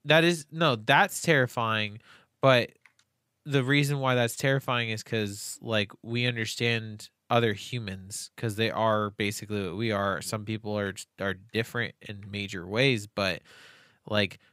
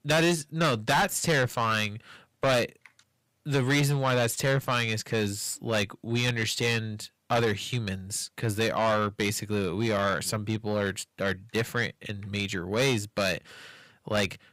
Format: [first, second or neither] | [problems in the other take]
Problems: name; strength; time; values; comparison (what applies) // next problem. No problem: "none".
first | distortion; heavy; 6 dB below the speech